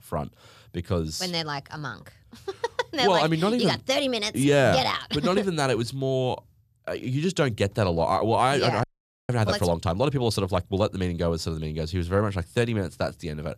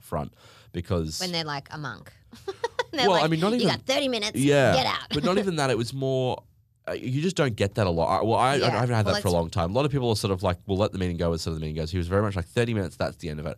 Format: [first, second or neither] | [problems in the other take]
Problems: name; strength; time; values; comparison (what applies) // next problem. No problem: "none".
second | audio freezing; at 9 s